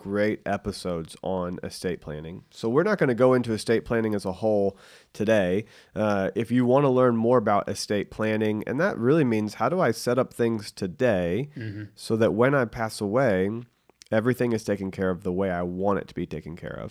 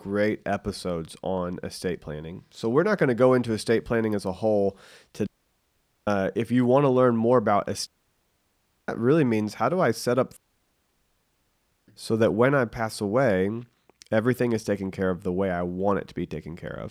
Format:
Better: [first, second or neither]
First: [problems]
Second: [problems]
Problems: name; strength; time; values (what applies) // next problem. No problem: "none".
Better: first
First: none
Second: audio cutting out; at 5.5 s for 1 s, at 8 s for 1 s and at 10 s for 1.5 s